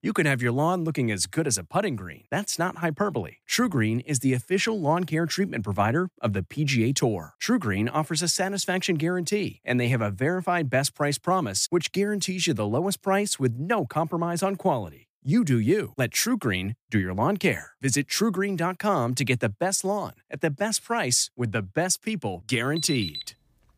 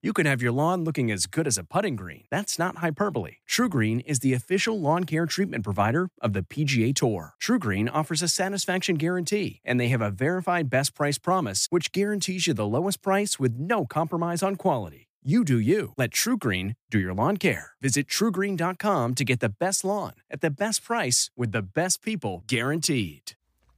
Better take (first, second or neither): second